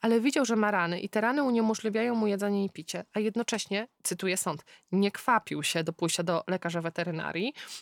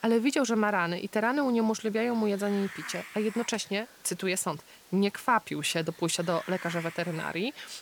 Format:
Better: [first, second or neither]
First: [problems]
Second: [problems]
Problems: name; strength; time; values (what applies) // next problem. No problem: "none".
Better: first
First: none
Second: hiss; noticeable; throughout; 15 dB below the speech